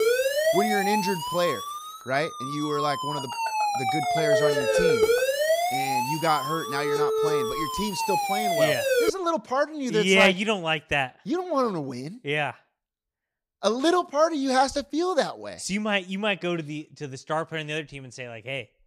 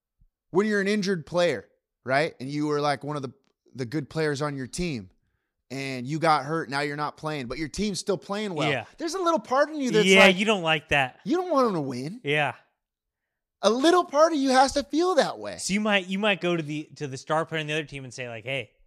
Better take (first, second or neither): second